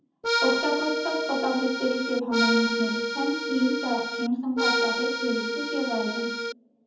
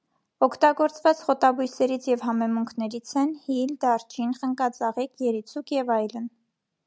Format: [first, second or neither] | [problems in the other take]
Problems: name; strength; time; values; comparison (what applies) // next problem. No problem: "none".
second | background sound (Accordion); 1 dB above the speech // room echo; dies away in 0.8 s